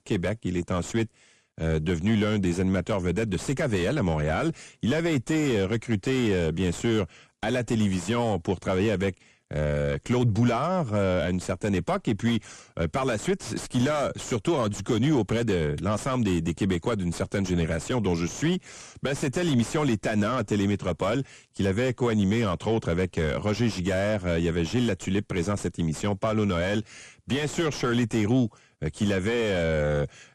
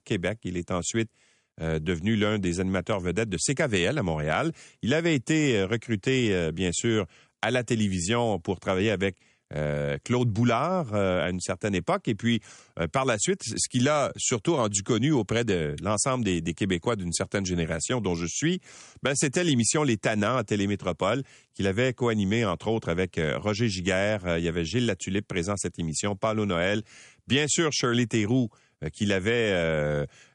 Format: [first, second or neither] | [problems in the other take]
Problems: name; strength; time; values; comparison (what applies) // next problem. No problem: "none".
second | distortion; heavy; 7 dB below the speech